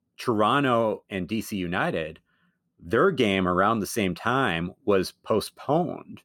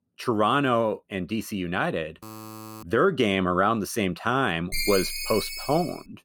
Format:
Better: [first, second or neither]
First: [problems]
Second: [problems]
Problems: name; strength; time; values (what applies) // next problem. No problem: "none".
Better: first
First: none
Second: alarm; faint; at 2 s; peak 15 dB below the speech // phone ringing; noticeable; from 4.5 s on; peak 2 dB below the speech